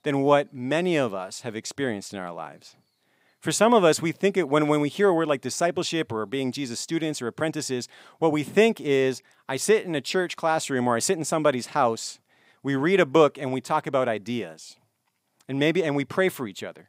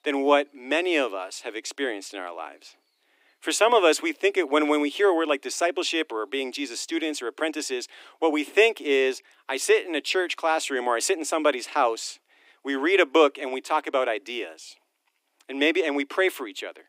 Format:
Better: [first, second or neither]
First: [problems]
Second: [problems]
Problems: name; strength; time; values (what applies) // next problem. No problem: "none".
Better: first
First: none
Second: thin; very slightly; fading below 300 Hz